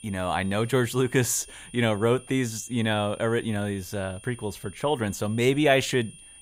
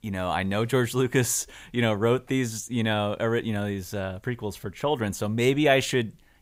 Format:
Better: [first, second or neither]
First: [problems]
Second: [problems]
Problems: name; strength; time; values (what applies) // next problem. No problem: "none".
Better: second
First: high-pitched whine; faint; throughout; 9.5 kHz, 20 dB below the speech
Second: none